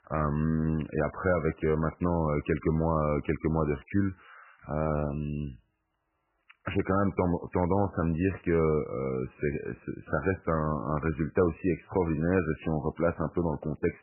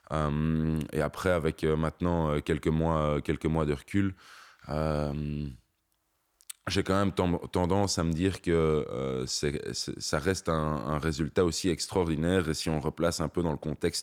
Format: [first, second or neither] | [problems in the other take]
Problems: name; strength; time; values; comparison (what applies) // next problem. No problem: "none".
second | garbled, watery; badly; nothing above 2.5 kHz